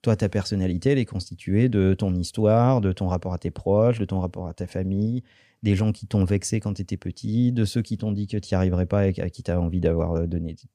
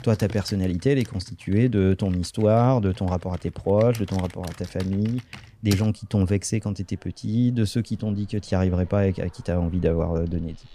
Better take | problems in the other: first | household noises; noticeable; throughout; 20 dB below the speech

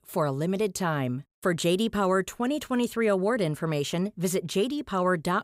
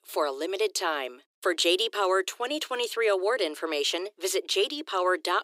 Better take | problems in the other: first | thin; very; fading below 300 Hz

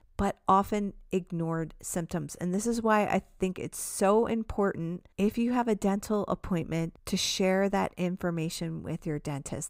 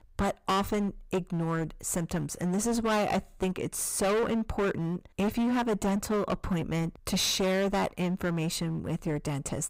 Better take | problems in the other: first | distortion; heavy; 17% of the sound clipped

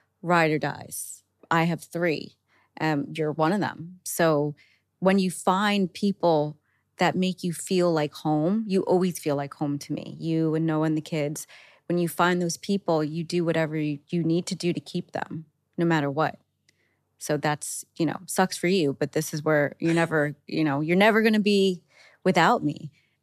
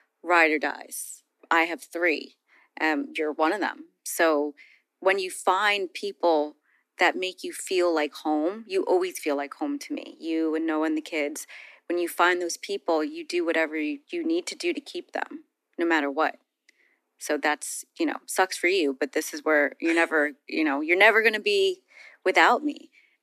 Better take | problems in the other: first | thin; somewhat; fading below 250 Hz

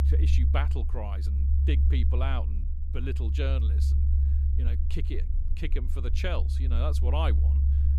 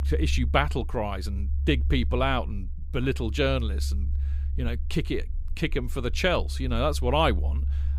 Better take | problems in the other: second | low rumble; loud; throughout; 7 dB below the speech; faint in the second

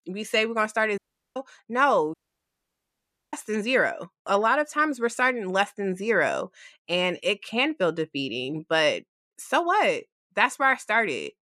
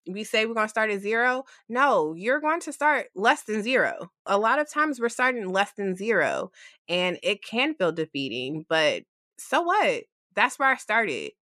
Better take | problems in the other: second | audio cutting out; at 1 s and at 2 s for 1 s

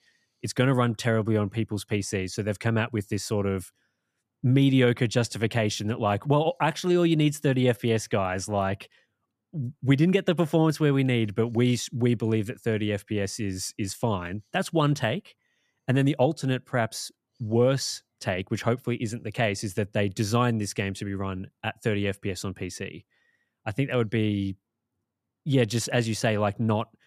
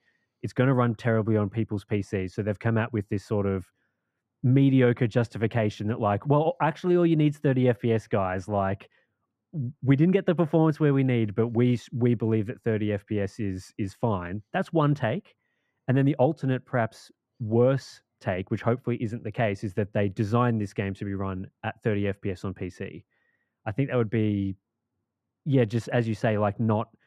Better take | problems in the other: first | muffled; very; fading above 3 kHz

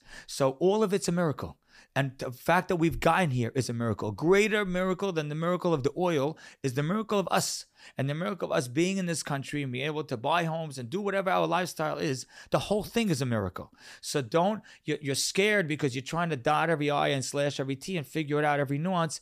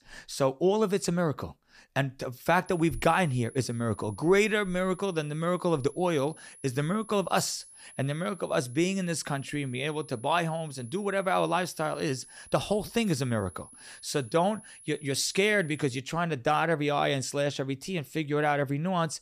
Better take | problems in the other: first | high-pitched whine; faint; from 2.5 to 16 s; 10.5 kHz, 20 dB below the speech

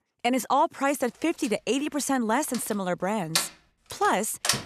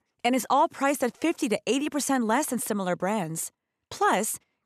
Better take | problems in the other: second | door banging; loud; from 2.5 s on; peak 1 dB above the speech

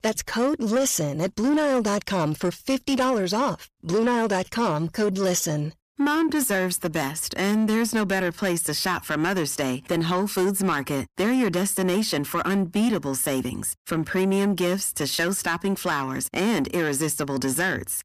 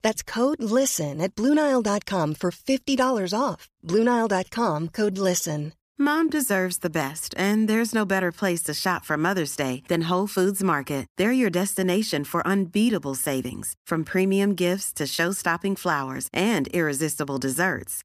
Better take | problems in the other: second | distortion; slight; 10 dB below the speech

